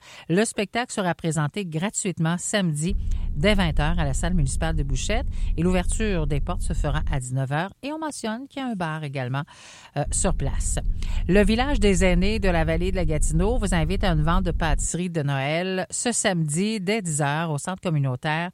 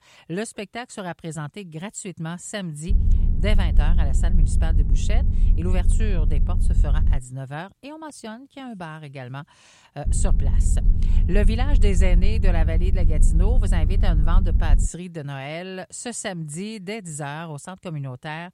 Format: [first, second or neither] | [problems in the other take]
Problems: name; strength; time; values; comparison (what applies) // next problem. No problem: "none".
first | low rumble; loud; from 3 to 7 s and from 10 to 15 s; 8 dB below the speech; faint in the first